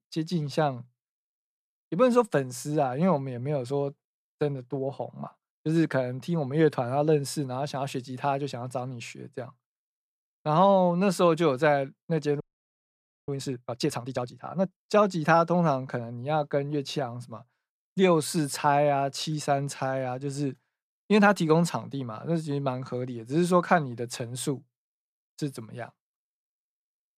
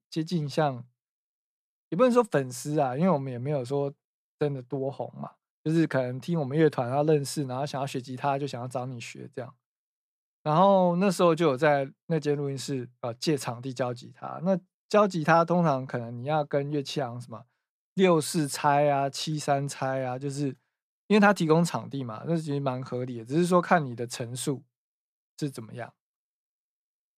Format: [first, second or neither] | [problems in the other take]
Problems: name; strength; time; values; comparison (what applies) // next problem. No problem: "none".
second | audio freezing; at 12 s for 1 s